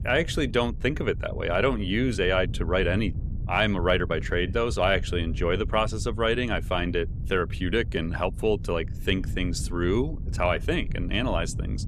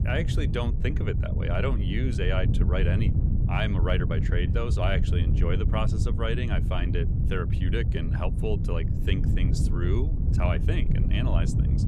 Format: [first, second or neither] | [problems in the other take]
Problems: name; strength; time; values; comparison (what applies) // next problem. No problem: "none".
first | wind noise on the microphone; heavy; 6 dB below the speech; occasional gusts in the first